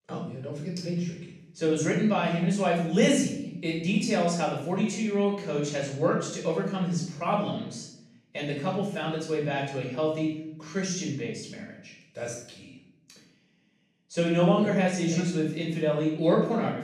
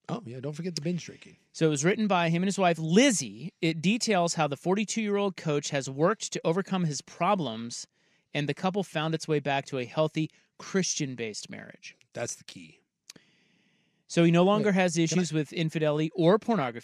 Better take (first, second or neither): second